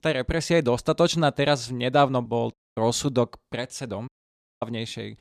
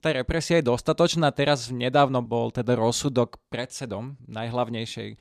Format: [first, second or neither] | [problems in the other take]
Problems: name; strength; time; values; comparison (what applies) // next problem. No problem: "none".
second | audio cutting out; at 2.5 s and at 4 s for 0.5 s